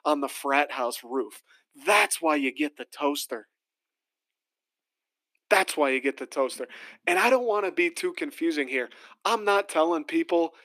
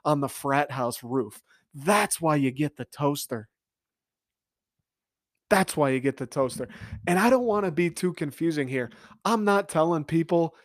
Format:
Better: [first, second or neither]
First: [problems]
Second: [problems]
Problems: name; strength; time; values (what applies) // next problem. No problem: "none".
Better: second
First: thin; very slightly; fading below 300 Hz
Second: none